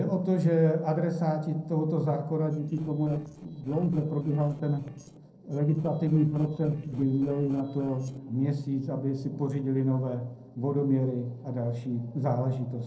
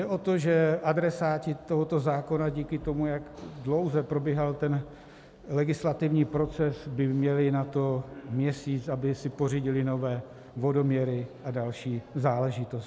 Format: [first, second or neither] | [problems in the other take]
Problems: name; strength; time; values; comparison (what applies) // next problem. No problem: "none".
second | noise reduction (neural separator model SepFormer DNS4)